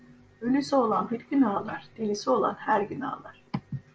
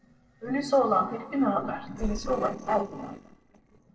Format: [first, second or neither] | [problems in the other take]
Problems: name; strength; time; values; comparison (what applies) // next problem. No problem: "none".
first | noise reduction (neural separator model SepFormer DNS4)